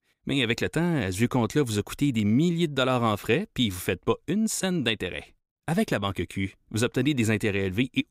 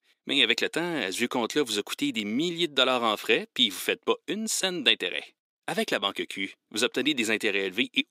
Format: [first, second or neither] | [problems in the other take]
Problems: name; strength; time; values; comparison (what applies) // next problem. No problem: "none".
first | thin; somewhat; fading below 300 Hz